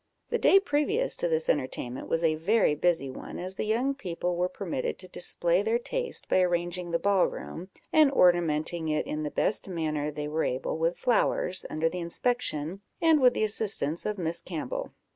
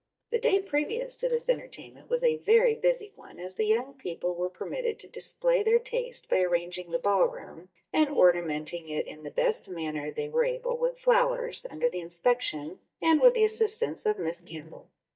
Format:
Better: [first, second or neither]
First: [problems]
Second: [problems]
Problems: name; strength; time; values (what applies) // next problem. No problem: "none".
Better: first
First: none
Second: noise reduction (neural mask model DeepFilterNet 3)